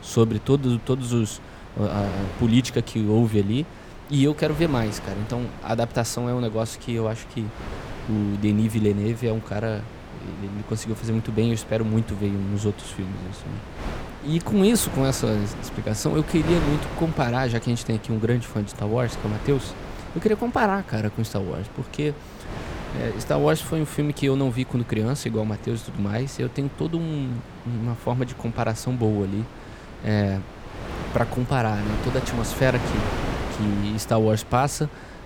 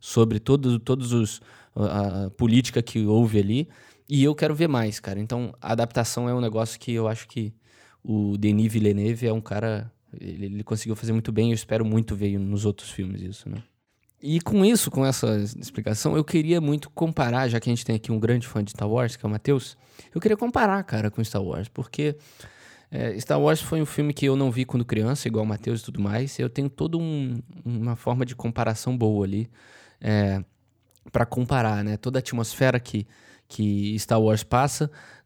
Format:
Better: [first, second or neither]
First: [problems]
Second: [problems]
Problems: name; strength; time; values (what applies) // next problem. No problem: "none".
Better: second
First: wind noise on the microphone; occasional gusts; 10 dB below the speech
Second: none